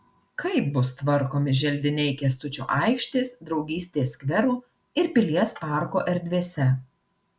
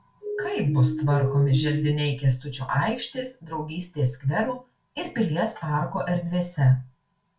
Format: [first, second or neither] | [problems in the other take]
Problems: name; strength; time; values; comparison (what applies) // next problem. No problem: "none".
first | background sound (Siren); 5 dB below the speech // room echo; dies away in 0.2 s